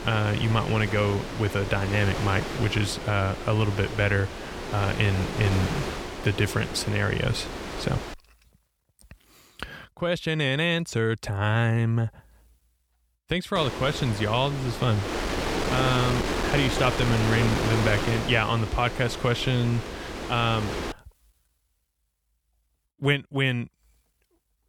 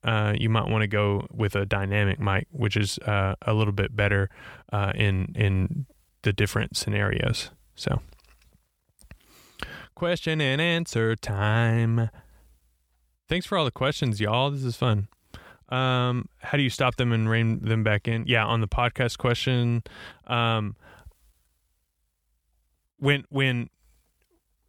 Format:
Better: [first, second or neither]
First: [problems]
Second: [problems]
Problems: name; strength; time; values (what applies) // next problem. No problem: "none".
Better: second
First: wind noise on the microphone; heavy; until 8 s and from 14 to 21 s; 4 dB below the speech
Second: none